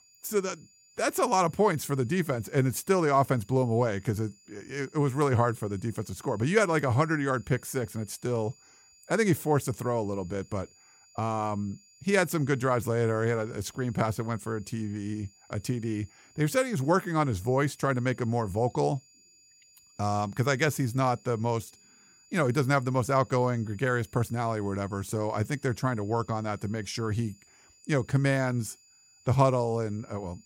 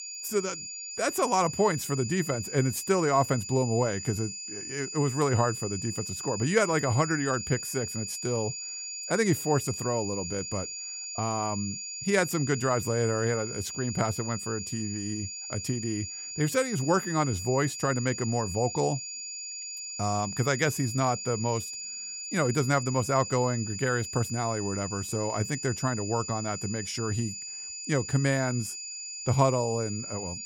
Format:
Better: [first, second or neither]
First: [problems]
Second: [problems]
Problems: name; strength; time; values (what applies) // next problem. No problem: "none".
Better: first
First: high-pitched whine; faint; throughout; 7 kHz, 30 dB below the speech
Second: high-pitched whine; loud; throughout; 7 kHz, 6 dB below the speech